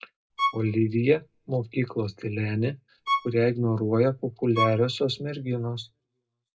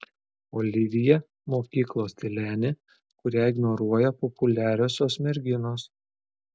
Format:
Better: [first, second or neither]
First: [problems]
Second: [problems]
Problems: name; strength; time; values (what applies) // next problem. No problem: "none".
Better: second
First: background sound (Bowed string instrument); 7 dB below the speech // room echo; dies away in 0.2 s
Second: none